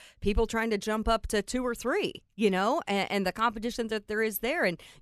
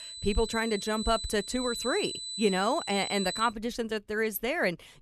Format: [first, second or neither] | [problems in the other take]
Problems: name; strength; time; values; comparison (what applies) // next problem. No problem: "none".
first | high-pitched whine; loud; until 3.5 s; 4 kHz, 6 dB below the speech